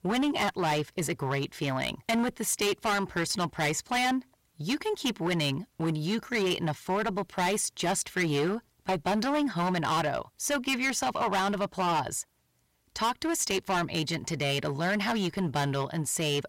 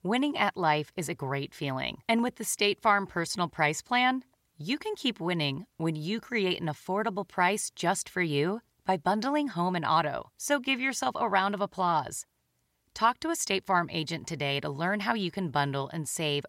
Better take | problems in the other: second | distortion; heavy; 14% of the sound clipped

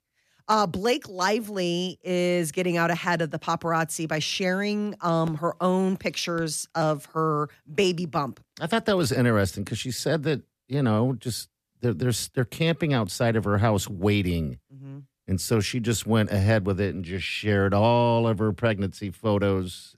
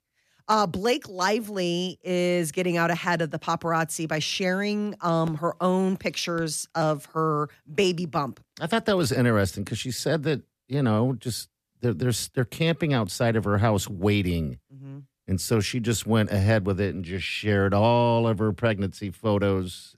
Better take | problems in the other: neither | none

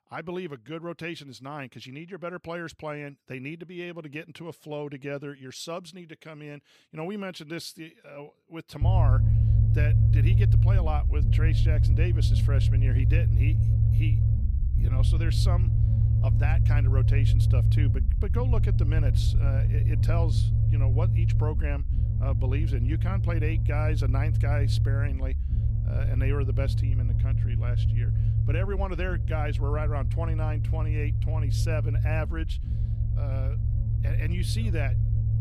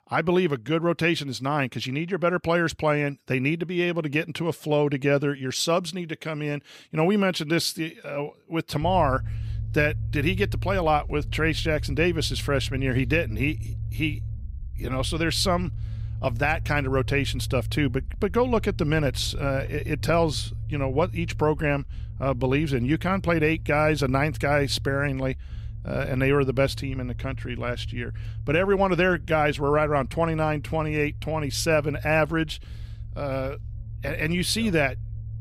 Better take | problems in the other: second | low rumble; loud; from 9 s on; 2 dB below the speech; faint in the second

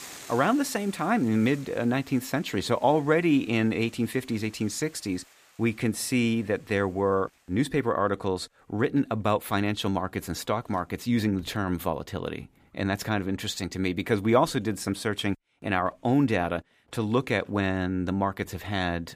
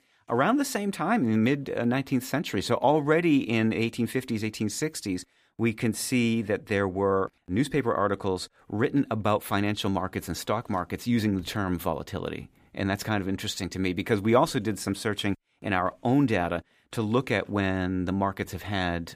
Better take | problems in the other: second | household noises; faint; throughout; 25 dB below the speech

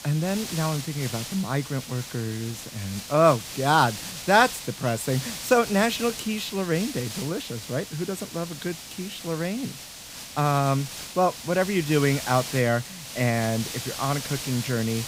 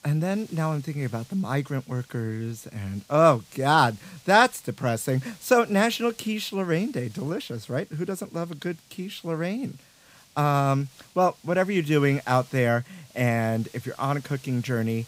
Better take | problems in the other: second | hiss; loud; throughout; 9 dB below the speech; faint in the second

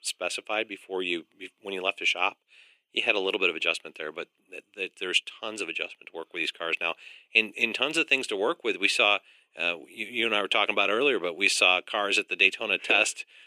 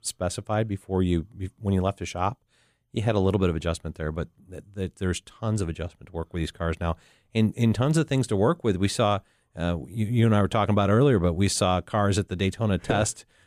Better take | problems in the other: second | thin; very; fading below 350 Hz

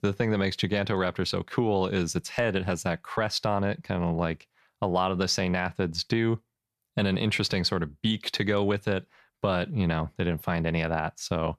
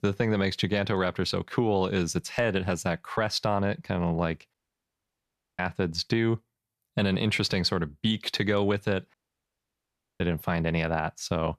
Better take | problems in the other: first | audio cutting out; at 4.5 s for 1 s and at 9 s for 1 s

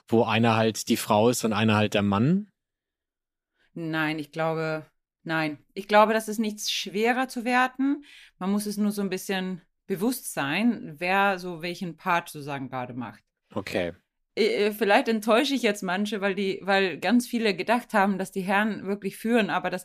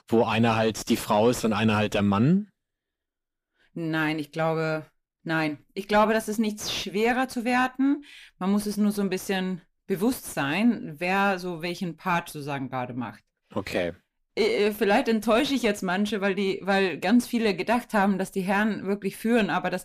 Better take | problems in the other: first | distortion; slight; 10 dB below the speech

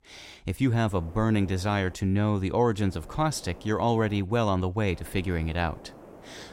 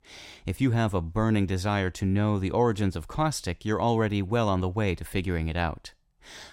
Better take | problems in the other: second | hiss; faint; from 1 to 2 s, from 3 to 4 s and from 5 s on; 20 dB below the speech

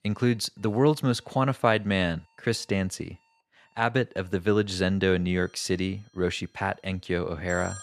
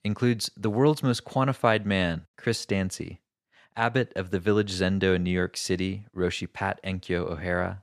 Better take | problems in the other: second | alarms or sirens; faint; throughout; 25 dB below the speech

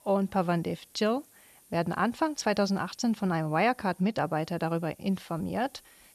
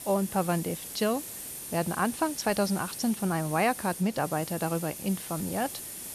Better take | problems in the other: first | hiss; loud; throughout; 8 dB below the speech; faint in the first

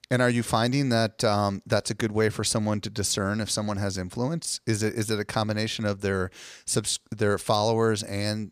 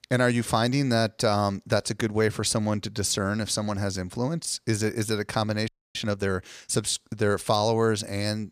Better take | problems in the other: first | audio freezing; at 5.5 s

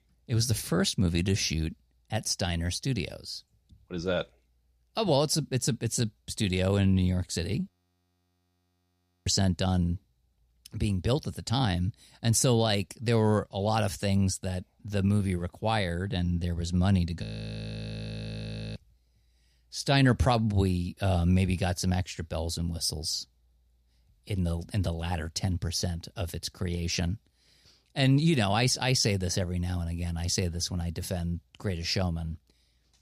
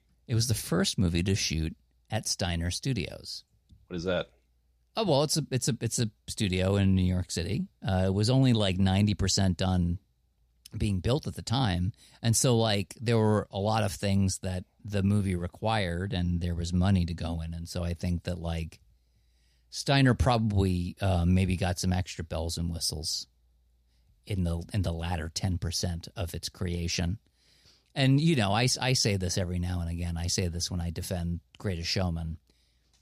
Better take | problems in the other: second | audio freezing; at 7.5 s for 1.5 s and at 17 s for 1.5 s

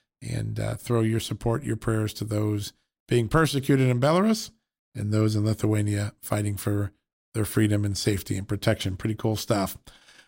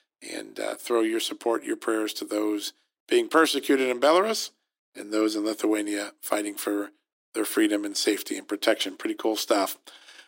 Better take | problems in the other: first | thin; very; fading below 300 Hz

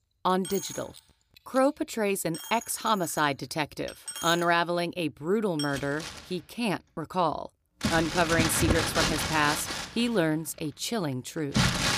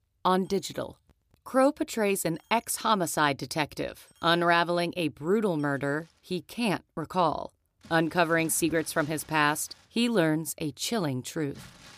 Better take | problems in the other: second | household noises; loud; throughout; 3 dB below the speech; faint in the second

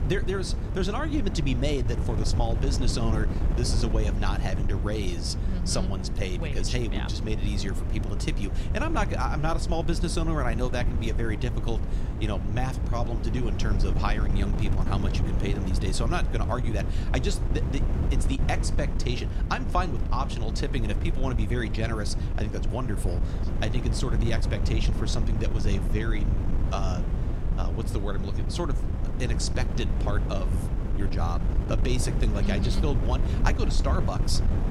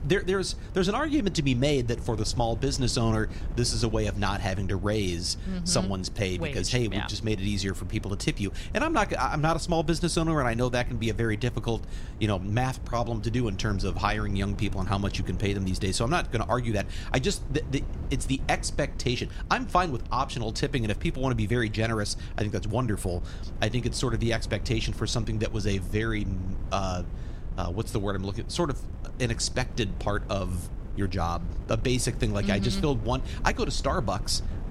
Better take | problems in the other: second | wind noise on the microphone; heavy; 7 dB below the speech; occasional gusts in the second

